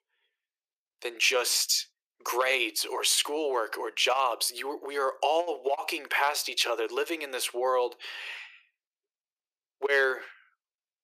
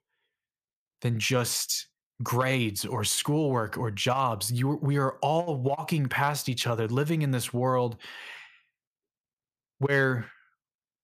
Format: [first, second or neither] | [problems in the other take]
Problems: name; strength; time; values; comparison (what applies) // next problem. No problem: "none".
second | thin; very; fading below 350 Hz